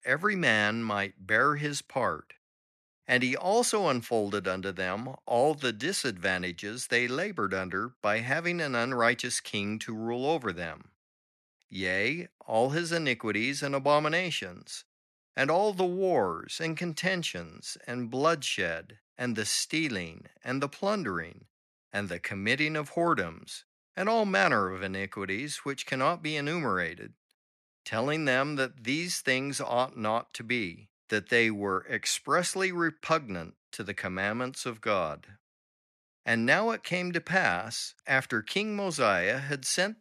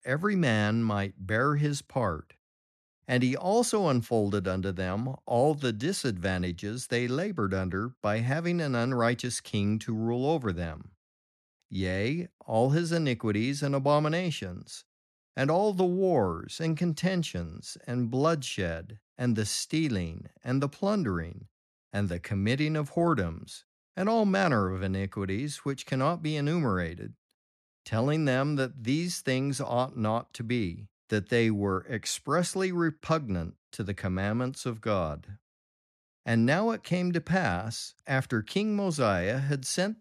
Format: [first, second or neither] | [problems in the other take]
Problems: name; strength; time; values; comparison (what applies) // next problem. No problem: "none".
second | thin; somewhat; fading below 900 Hz